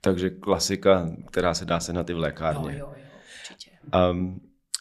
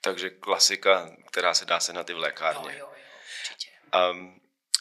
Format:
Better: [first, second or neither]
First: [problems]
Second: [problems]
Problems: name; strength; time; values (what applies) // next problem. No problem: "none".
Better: first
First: none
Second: thin; very; fading below 700 Hz